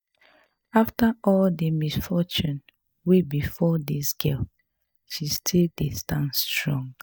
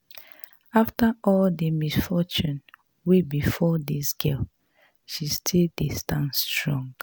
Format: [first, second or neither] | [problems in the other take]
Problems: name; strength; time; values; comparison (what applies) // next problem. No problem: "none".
second | noise reduction (neural mask model DeepFilterNet 3)